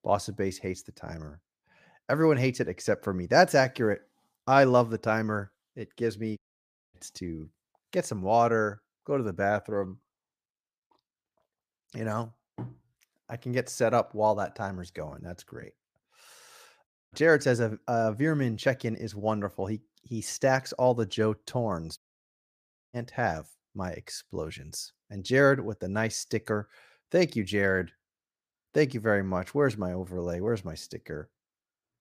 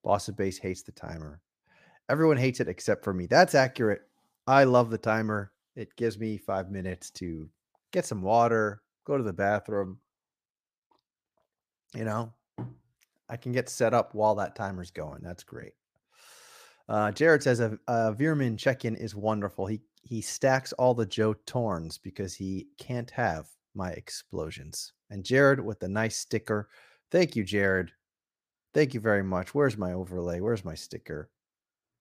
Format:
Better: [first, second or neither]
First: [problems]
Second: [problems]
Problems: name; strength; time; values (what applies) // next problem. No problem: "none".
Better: second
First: audio cutting out; at 6.5 s for 0.5 s, at 17 s and at 22 s for 1 s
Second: none